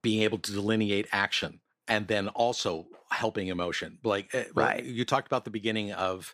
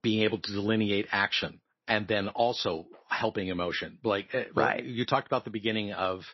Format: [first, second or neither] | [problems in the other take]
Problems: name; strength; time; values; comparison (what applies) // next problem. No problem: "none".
first | garbled, watery; slightly; nothing above 5.5 kHz